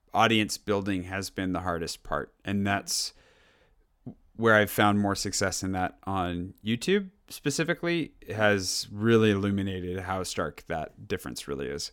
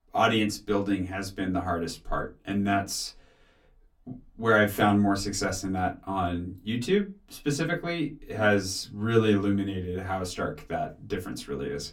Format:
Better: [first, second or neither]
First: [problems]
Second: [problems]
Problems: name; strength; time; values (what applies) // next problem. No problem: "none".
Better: first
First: none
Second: off-mic speech; far // room echo; very slight; dies away in 0.2 s